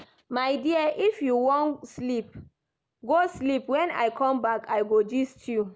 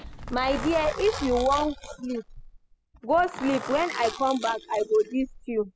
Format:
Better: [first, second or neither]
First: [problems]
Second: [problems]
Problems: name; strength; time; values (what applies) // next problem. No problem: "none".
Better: first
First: none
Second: noise reduction (classical method spectral subtraction)